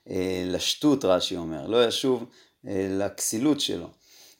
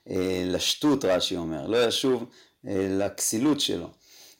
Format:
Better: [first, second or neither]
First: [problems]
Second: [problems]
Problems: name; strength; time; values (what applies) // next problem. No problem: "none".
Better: first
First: none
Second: distortion; slight; 5% of the sound clipped